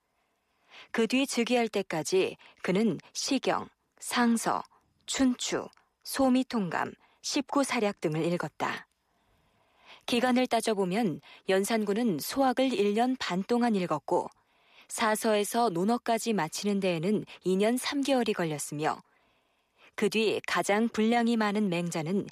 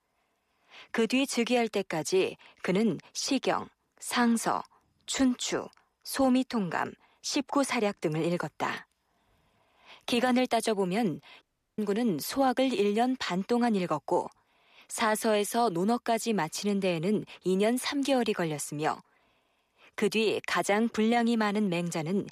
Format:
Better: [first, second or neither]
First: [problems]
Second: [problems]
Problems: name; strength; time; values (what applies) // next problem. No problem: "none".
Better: first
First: none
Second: audio cutting out; at 11 s